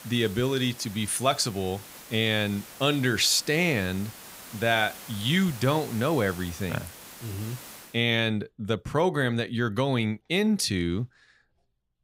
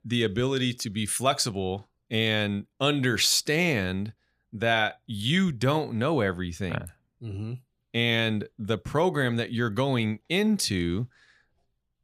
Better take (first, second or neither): second